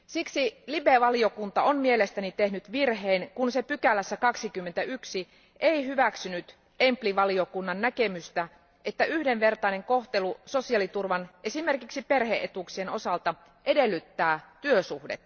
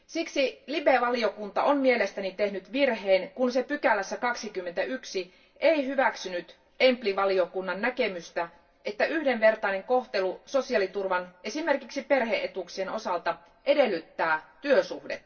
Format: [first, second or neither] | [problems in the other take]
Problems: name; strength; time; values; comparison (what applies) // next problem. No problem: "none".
first | room echo; dies away in 0.2 s